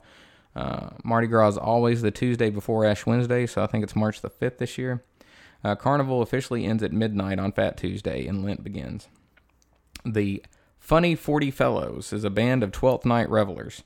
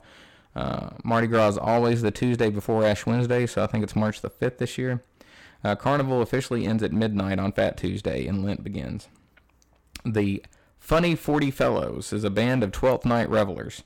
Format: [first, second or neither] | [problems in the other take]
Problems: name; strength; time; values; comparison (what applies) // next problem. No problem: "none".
first | distortion; slight; 5% of the sound clipped